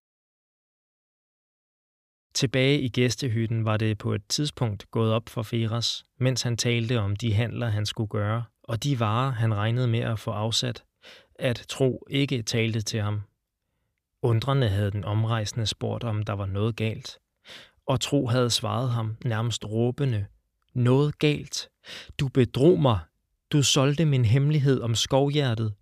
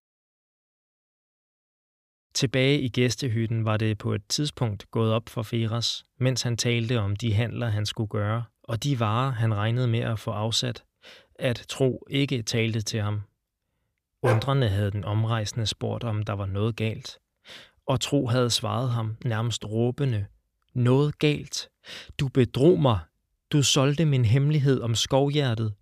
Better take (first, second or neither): first